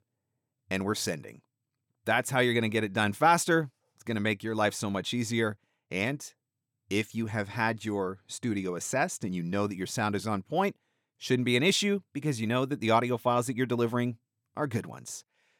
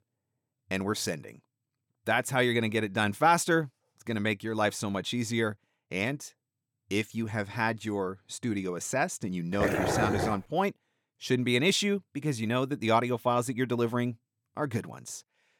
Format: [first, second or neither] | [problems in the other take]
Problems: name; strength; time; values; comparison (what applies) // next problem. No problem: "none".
first | dog barking; loud; at 9.5 s; peak 1 dB above the speech